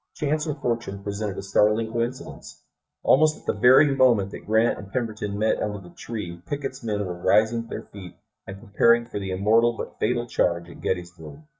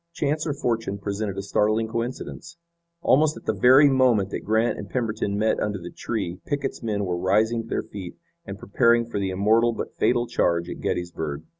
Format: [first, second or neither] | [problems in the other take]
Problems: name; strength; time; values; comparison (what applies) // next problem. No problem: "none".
second | noise reduction (neural mask model DeepFilterNet 3)